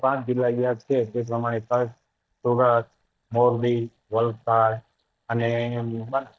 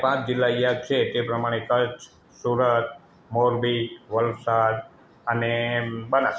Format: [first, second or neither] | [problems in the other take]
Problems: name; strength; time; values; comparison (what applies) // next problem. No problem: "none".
second | noise reduction (neural mask model DeepFilterNet 3)